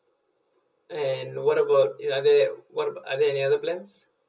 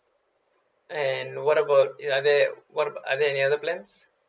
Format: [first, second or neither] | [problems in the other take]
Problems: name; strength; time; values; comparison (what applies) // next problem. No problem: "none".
second | room echo; dies away in 0.2 s